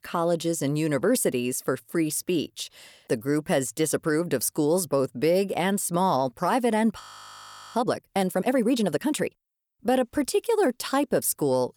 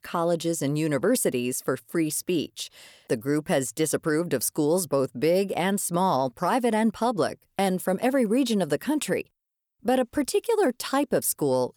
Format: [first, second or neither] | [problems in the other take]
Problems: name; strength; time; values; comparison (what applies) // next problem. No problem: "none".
second | audio freezing; at 7 s for 0.5 s